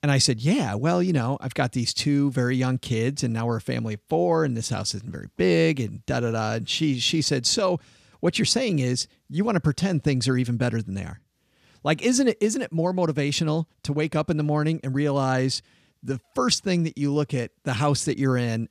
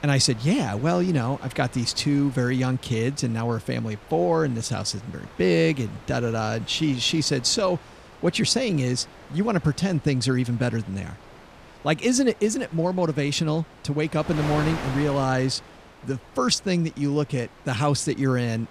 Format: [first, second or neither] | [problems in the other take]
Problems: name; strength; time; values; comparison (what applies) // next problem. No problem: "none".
first | wind noise on the microphone; occasional gusts; 15 dB below the speech